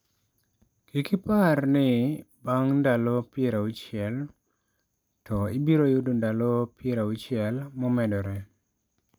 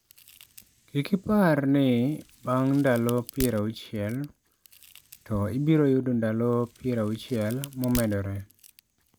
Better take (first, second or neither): first